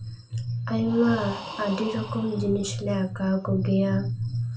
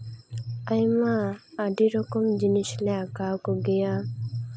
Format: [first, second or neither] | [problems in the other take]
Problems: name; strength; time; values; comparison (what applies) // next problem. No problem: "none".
second | background sound (Breathing); 15 dB below the speech // room echo; dies away in 0.2 s